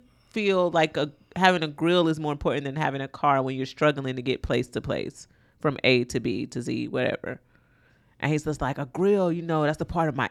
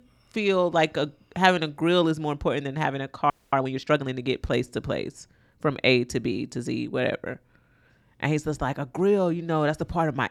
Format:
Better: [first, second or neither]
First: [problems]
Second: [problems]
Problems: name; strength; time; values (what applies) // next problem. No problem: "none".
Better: first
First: none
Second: audio freezing; at 3.5 s